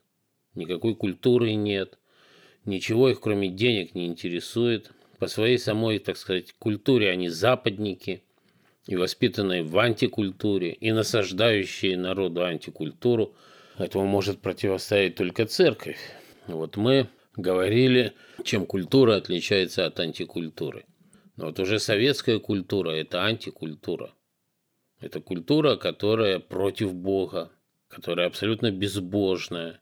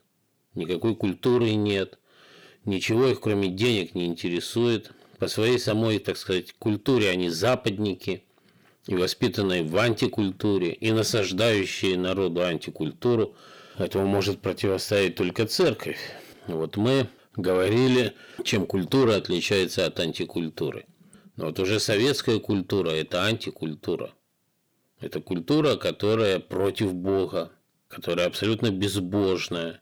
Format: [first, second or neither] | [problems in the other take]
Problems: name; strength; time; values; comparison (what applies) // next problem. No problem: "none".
first | distortion; slight; 10 dB below the speech